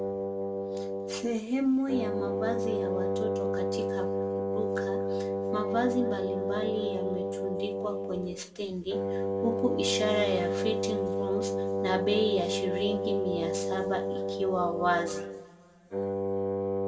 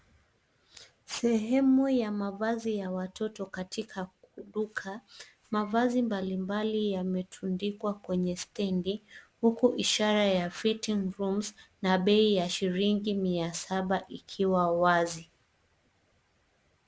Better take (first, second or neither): second